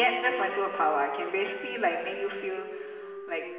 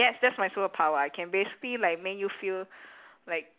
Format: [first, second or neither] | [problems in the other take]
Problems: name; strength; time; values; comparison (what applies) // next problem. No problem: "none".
second | background sound (Wind instrument, woodwind instrument); 10 dB below the speech // room echo; dies away in 2.1 s